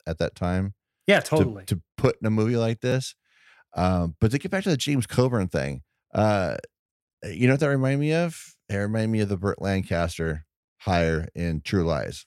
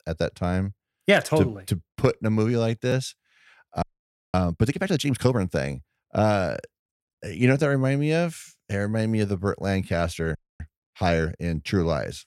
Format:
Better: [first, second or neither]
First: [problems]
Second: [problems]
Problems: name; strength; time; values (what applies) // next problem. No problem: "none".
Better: first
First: none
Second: audio freezing; at 4 s for 0.5 s and at 10 s